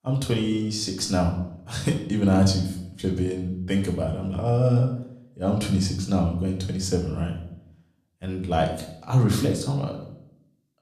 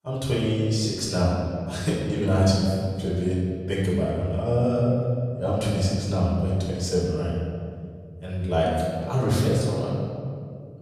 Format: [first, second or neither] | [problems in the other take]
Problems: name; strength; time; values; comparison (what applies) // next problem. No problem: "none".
first | room echo; strong; dies away in 2 s; slight in the first // off-mic speech; far; somewhat distant in the first